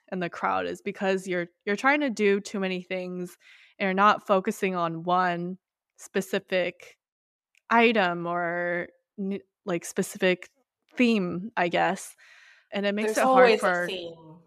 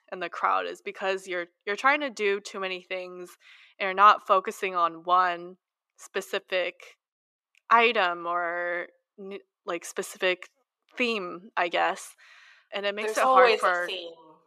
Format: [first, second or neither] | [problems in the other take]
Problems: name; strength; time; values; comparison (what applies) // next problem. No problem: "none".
first | thin; somewhat; fading below 450 Hz